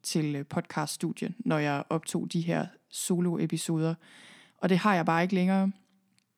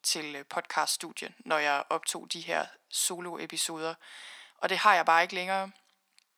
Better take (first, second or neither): first